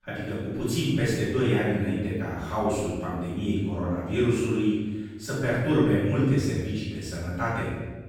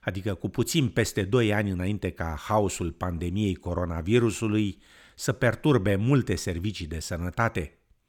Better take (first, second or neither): second